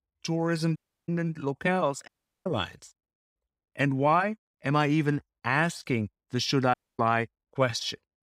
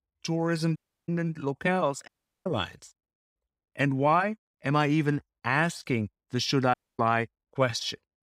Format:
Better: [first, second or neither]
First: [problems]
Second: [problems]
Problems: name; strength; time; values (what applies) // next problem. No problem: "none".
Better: neither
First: audio cutting out; at 1 s, at 2 s and at 6.5 s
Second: audio cutting out; at 1 s, at 2 s and at 6.5 s